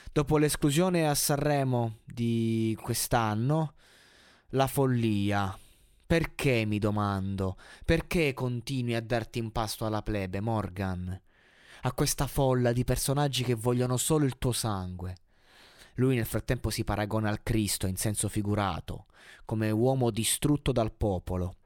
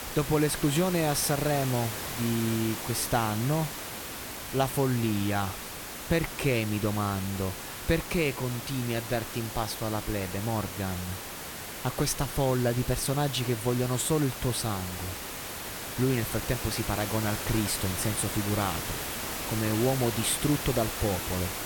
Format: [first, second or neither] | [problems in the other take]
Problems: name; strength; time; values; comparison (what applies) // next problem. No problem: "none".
first | hiss; loud; throughout; 6 dB below the speech